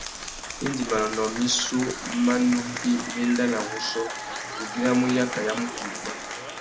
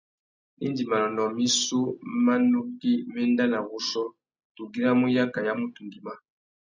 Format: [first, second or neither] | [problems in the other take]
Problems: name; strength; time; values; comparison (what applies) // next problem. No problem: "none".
second | background sound (Applause / Crowd); 8 dB below the speech